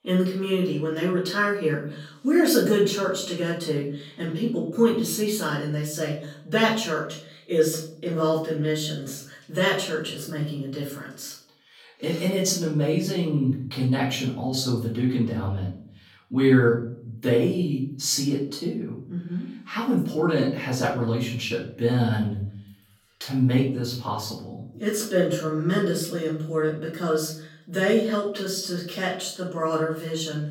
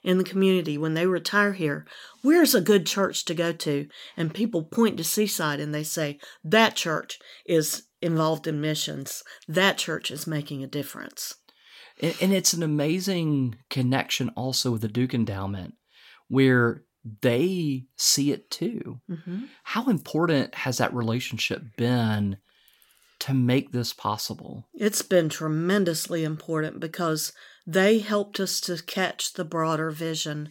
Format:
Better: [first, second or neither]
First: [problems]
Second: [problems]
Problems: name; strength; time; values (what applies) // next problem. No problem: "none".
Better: second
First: off-mic speech; far // room echo; noticeable; dies away in 0.5 s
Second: none